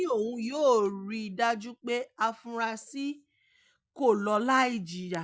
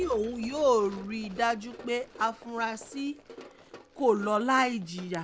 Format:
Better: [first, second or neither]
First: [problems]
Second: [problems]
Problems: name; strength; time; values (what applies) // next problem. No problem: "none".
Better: first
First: none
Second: background sound (Engine / Vehicle + Run); 19 dB below the speech